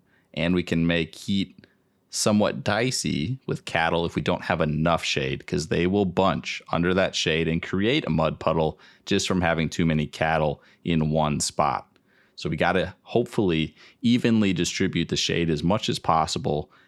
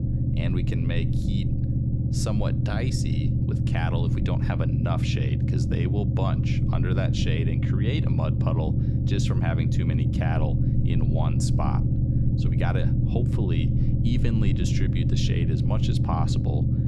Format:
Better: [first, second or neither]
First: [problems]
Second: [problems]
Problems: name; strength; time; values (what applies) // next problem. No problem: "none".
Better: first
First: none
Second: low rumble; loud; throughout; as loud as the speech